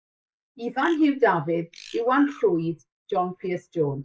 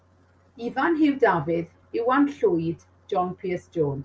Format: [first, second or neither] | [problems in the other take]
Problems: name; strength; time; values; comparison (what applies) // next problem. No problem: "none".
second | noise reduction (neural mask model Resemble Enhance denoiser)